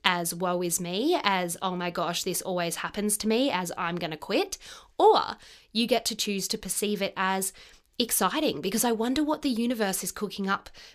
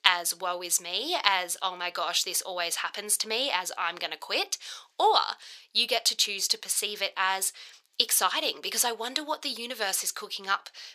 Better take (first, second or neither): first